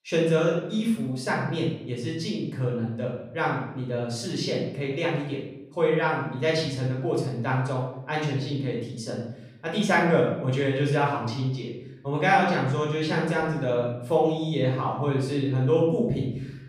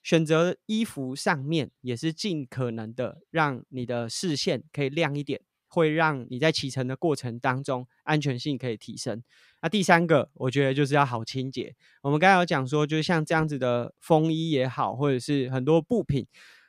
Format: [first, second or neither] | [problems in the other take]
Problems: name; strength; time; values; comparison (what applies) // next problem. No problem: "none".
second | room echo; noticeable; dies away in 0.8 s // off-mic speech; far